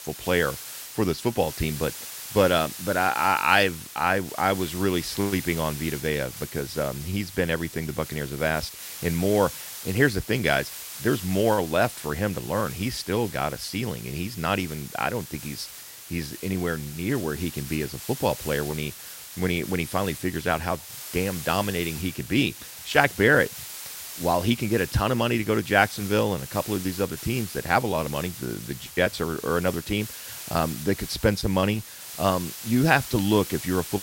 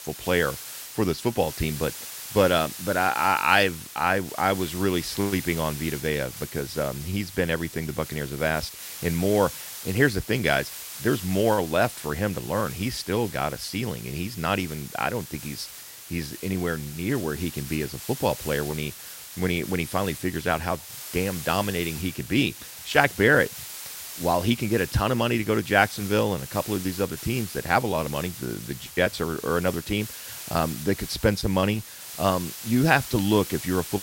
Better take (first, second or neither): neither